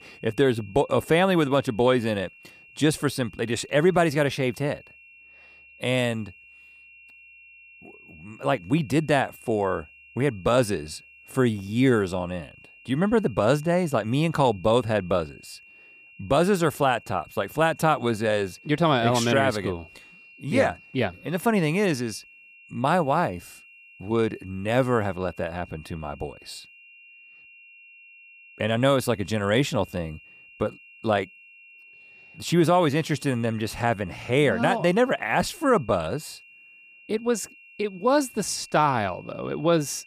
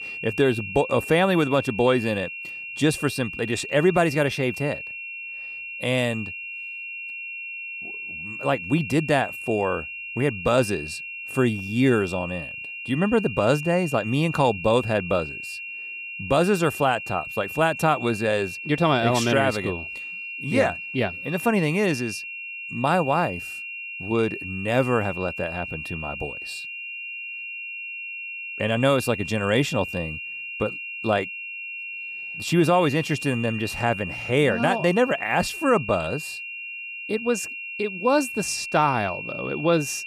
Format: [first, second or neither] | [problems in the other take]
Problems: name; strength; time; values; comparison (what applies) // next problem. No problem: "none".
first | high-pitched whine; loud; throughout; 2.5 kHz, 8 dB below the speech; faint in the first